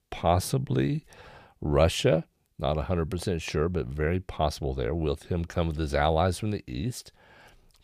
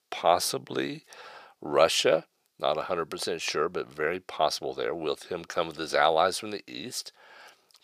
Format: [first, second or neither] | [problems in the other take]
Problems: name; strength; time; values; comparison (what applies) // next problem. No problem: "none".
first | thin; very; fading below 450 Hz